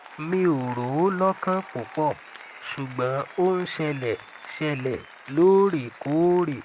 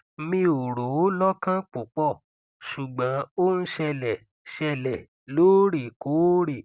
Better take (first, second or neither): second